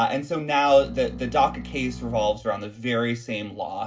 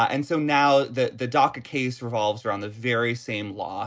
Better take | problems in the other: second | background sound (Bowed string instrument); 14 dB below the speech // room echo; dies away in 0.3 s

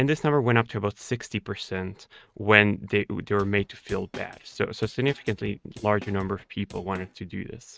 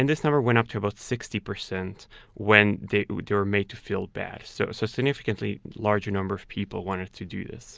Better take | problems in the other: second | noise reduction (neural mask model RNNoise)

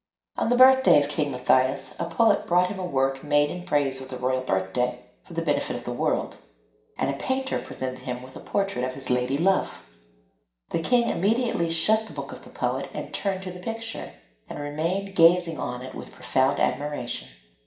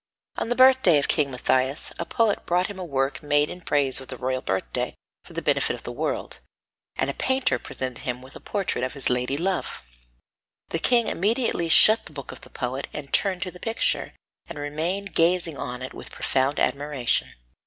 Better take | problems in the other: second | room echo; dies away in 0.5 s

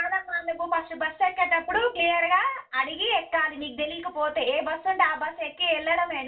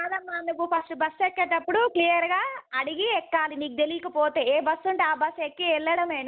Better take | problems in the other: second | room echo; dies away in 0.2 s

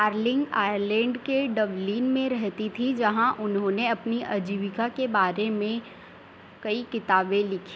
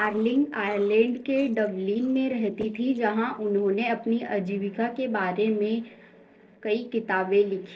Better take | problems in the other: first | noise reduction (neural separator model SepFormer DNS4)

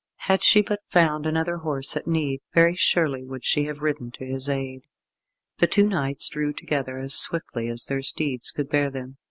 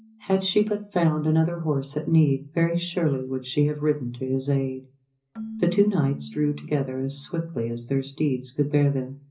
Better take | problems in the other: first | background sound (Keyboard (musical)); 20 dB below the speech // room echo; dies away in 0.5 s

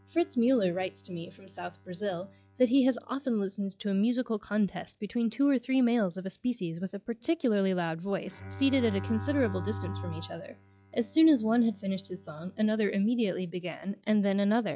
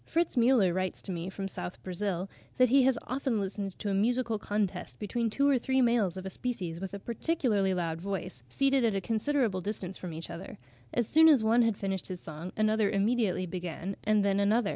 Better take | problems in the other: second | noise reduction (classical method log-MMSE)

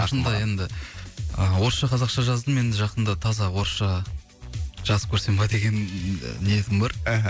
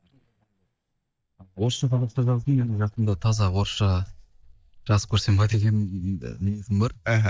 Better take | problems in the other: first | noise reduction (neural mask model DeepFilterNet 3)

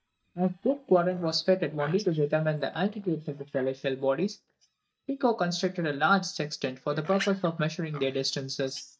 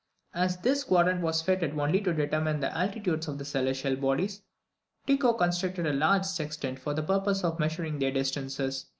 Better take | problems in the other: second | noise reduction (neural mask model DeepFilterNet 3)

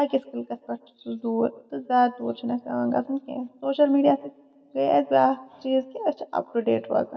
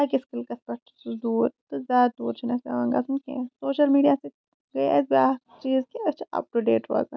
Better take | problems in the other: second | room echo; dies away in 0.7 s

